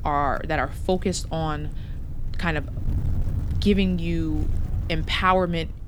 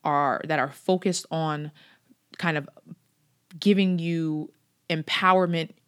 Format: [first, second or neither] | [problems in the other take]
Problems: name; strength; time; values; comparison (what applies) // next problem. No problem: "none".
second | wind noise on the microphone; occasional gusts; 20 dB below the speech